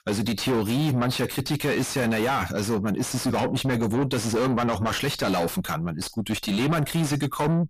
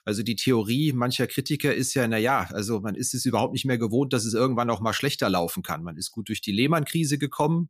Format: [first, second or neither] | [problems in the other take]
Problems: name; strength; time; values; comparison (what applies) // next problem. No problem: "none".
second | distortion; heavy; 6 dB below the speech